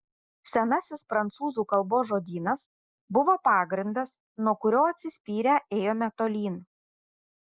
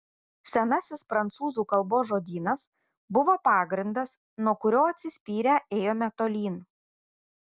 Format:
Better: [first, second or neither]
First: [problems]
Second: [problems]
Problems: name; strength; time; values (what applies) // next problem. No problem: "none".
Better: second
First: noise reduction (neural mask model Resemble Enhance denoiser)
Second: none